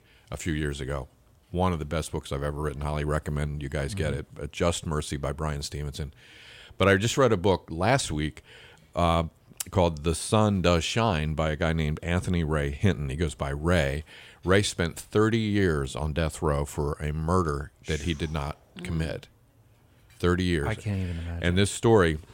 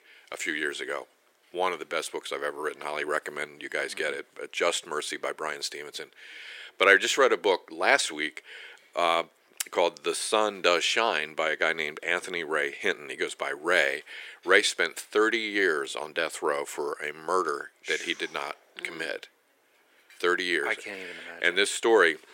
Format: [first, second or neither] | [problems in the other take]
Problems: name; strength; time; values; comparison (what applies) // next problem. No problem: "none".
first | thin; very; fading below 350 Hz